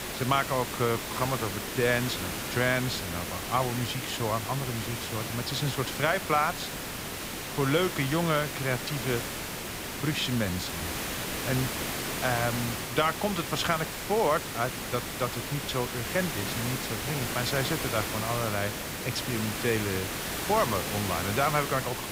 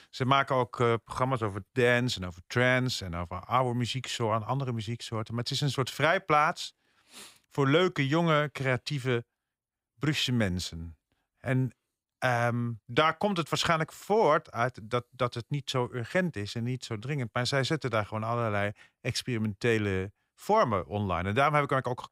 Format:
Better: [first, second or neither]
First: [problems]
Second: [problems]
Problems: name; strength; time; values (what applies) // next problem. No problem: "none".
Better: second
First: hiss; loud; throughout; 3 dB below the speech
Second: none